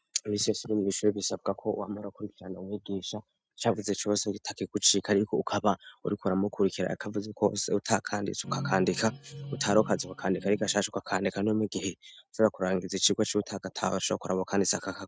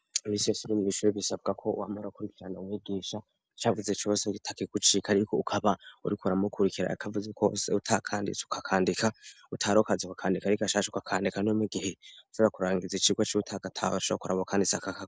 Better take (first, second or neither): second